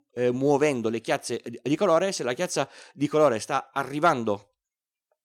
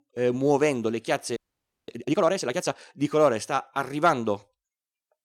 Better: first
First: none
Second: audio freezing; at 1.5 s for 0.5 s

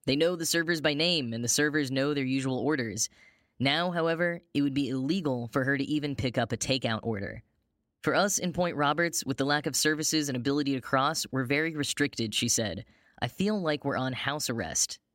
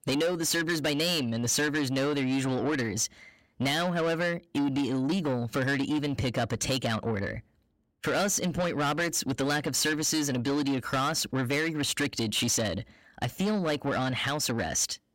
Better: first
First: none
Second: distortion; heavy; 8 dB below the speech

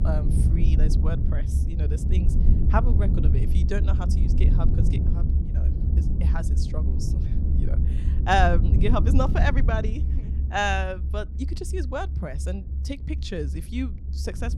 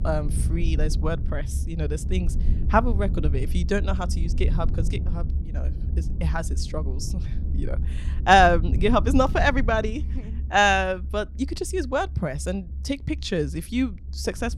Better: second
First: low rumble; loud; throughout; 10 dB below the speech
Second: low rumble; faint; throughout; 20 dB below the speech

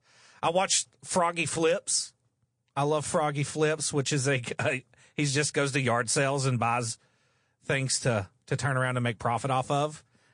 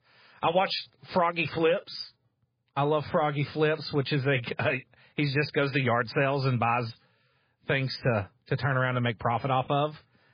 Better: first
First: garbled, watery; slightly; nothing above 8 kHz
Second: garbled, watery; badly; nothing above 5 kHz

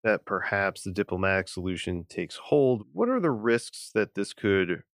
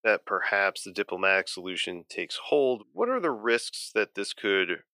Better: first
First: none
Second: thin; somewhat; fading below 400 Hz

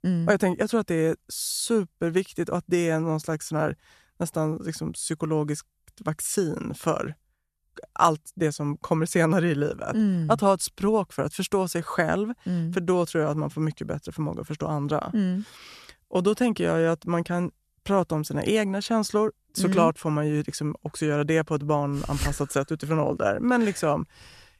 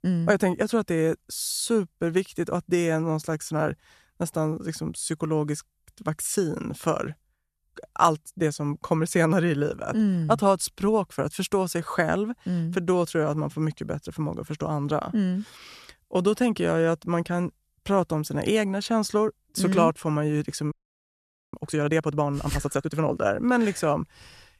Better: first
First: none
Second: audio freezing; at 21 s for 1 s

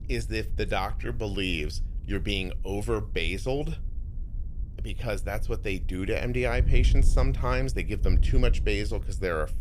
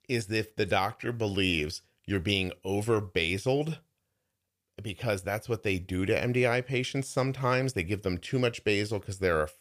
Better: second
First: wind noise on the microphone; occasional gusts; 20 dB below the speech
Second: none

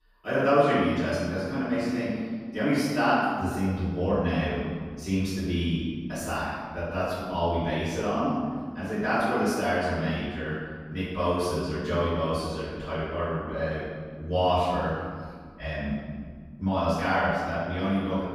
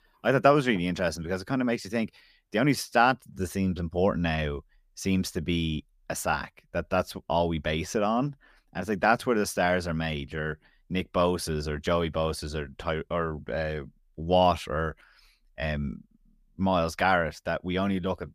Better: second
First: room echo; strong; dies away in 1.7 s // off-mic speech; far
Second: none

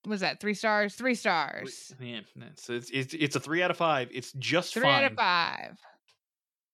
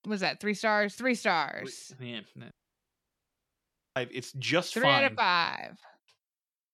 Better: first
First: none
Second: audio cutting out; at 2.5 s for 1.5 s

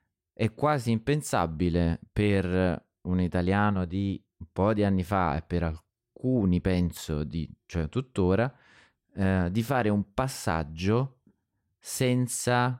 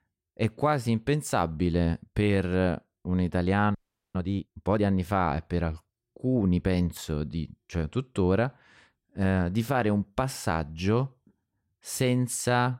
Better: first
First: none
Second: audio freezing; at 4 s

